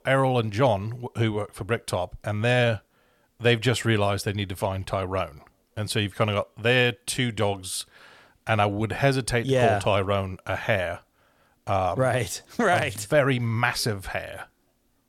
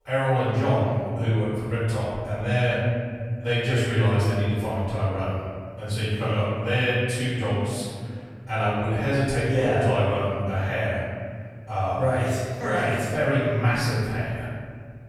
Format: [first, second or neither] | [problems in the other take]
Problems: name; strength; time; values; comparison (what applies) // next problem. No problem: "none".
first | off-mic speech; far // room echo; strong; dies away in 2.6 s